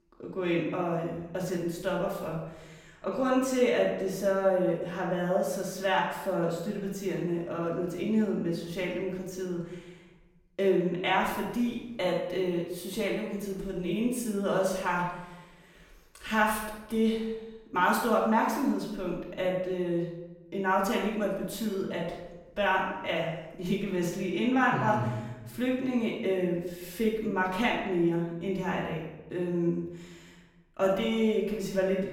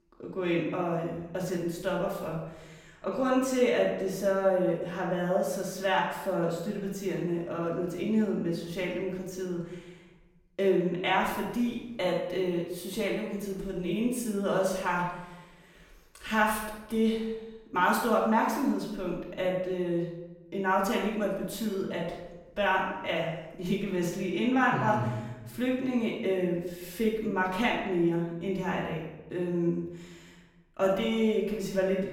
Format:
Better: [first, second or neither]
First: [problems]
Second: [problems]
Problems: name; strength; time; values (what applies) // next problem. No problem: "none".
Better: neither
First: off-mic speech; far // room echo; noticeable; dies away in 0.9 s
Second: off-mic speech; far // room echo; noticeable; dies away in 0.9 s